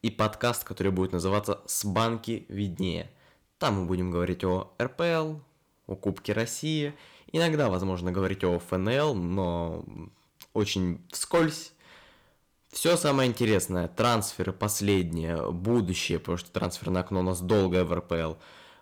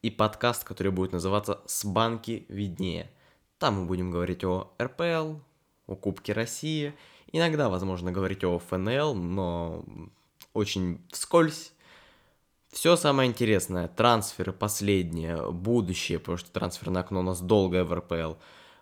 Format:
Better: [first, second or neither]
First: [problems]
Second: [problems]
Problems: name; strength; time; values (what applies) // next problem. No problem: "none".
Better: second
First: distortion; slight; 2% of the sound clipped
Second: none